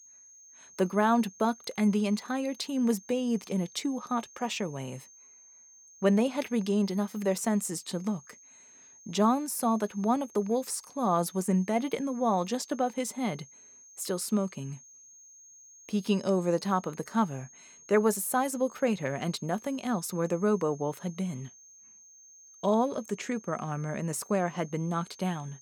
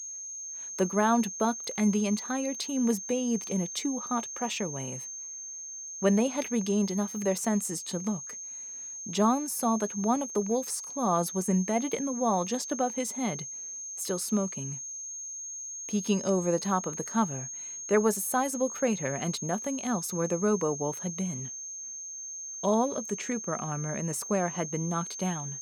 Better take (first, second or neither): first